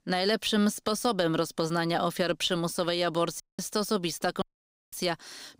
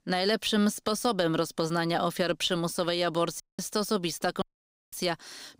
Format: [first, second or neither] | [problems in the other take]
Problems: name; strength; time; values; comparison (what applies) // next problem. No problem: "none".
neither | audio cutting out; at 3.5 s and at 4.5 s for 0.5 s; the same in both